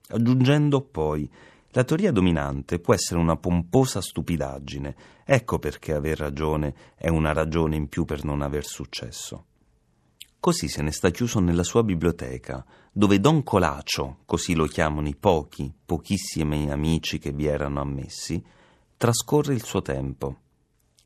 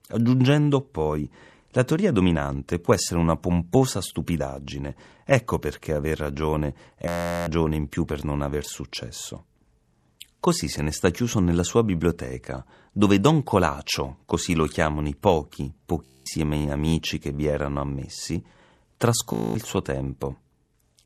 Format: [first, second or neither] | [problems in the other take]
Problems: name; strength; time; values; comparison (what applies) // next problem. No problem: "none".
first | audio freezing; at 7 s, at 16 s and at 19 s